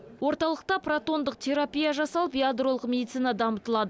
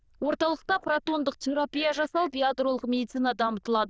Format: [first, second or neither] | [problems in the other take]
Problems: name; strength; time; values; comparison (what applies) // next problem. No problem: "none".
first | noise reduction (neural diffusion model UNIVERSE++)